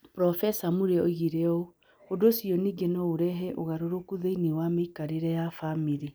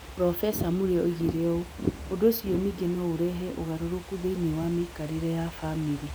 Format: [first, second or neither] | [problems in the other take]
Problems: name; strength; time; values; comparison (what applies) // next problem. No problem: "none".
first | background sound (Fireworks / Ocean); 10 dB below the speech